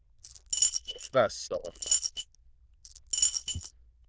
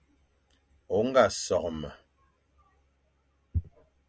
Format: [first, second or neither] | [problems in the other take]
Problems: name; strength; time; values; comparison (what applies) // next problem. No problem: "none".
second | noise reduction (neural diffusion model UNIVERSE++)